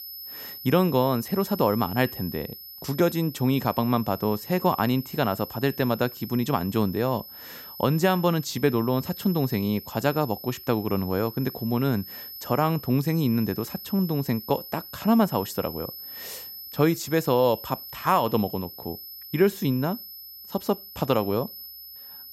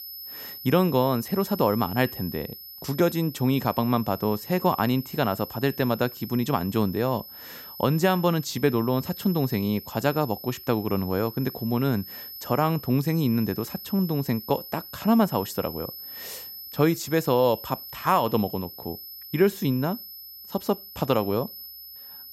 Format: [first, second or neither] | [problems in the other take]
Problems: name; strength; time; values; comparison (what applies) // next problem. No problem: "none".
neither | high-pitched whine; noticeable; throughout; 12 kHz, 15 dB below the speech; the same in both